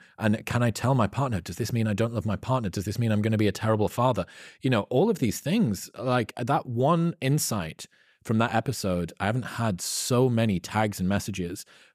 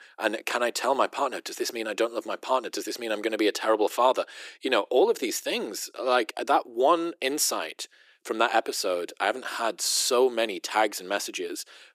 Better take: first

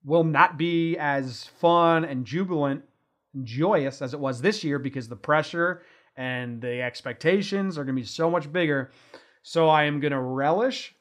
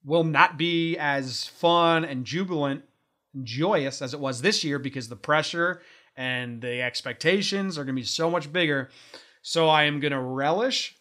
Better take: second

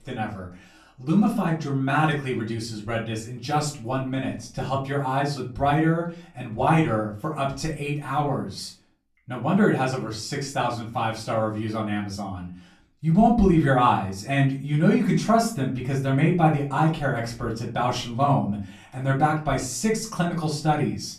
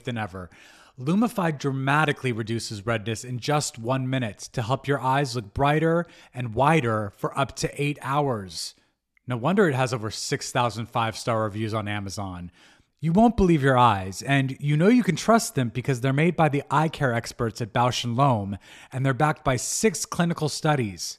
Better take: second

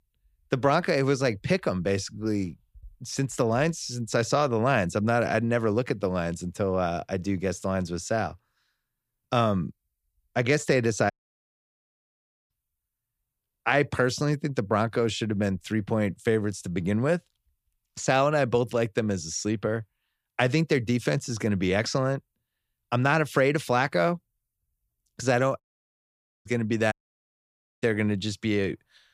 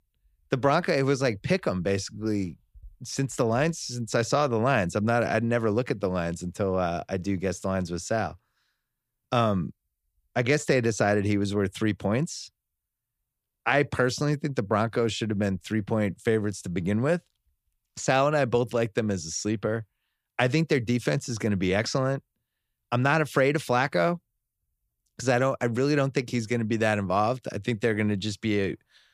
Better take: second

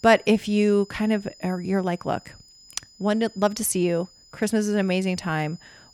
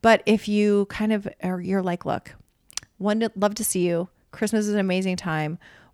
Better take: second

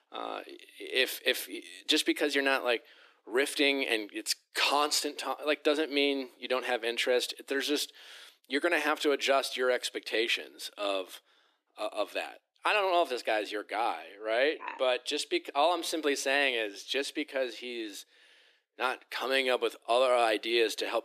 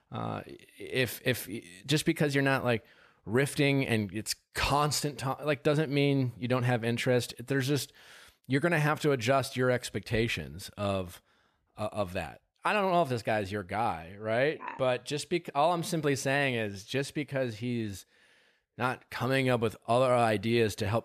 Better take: second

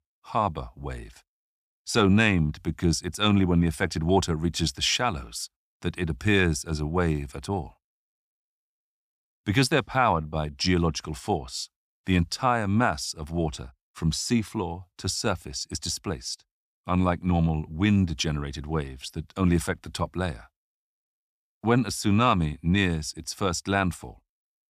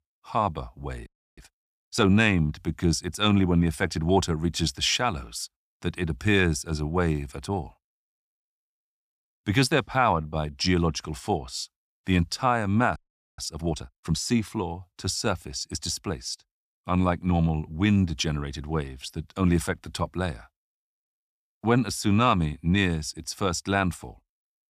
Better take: first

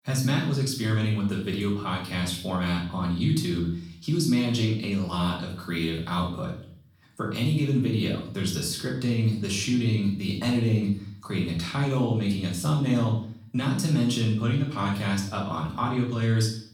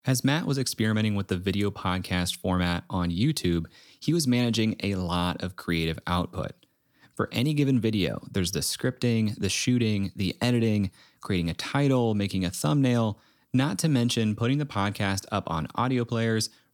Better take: second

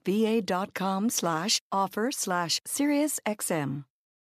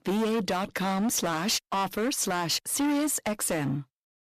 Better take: first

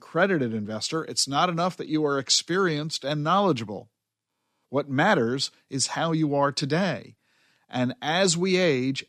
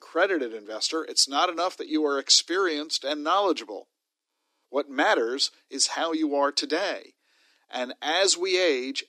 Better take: first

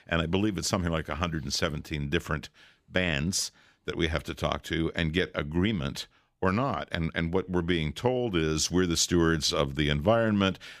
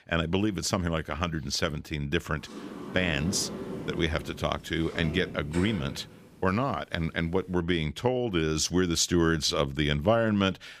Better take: first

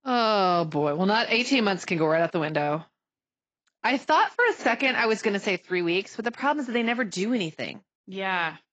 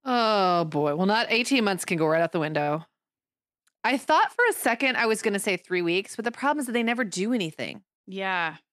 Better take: second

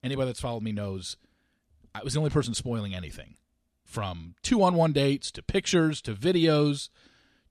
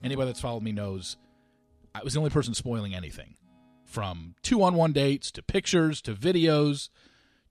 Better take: first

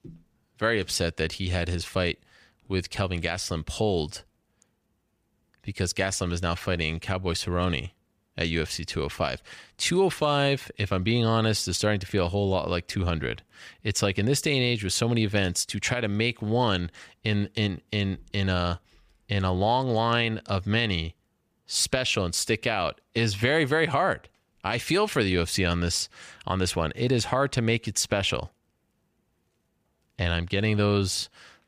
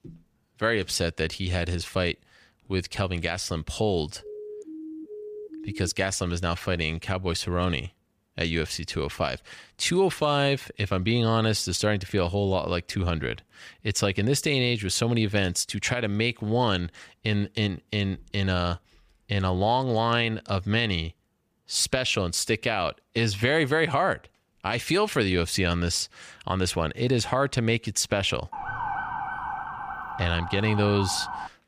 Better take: first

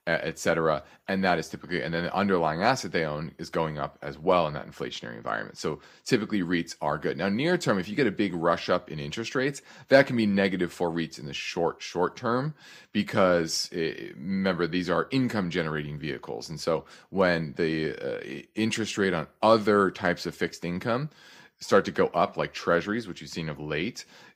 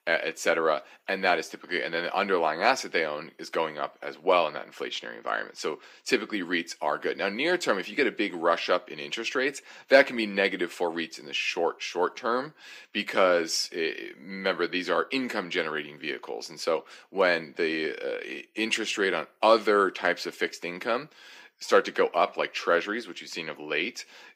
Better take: first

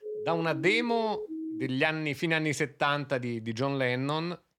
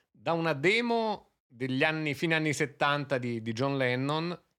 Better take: second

